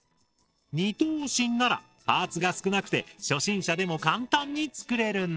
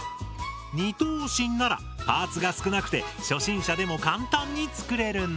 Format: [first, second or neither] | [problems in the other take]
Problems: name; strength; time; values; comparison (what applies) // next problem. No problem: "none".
second | noise reduction (neural separator model SepFormer DNS4)